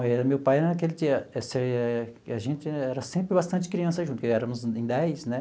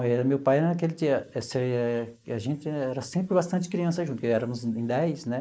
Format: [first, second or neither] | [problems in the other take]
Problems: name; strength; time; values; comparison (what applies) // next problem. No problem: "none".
first | noise reduction (neural mask model Resemble Enhance denoiser)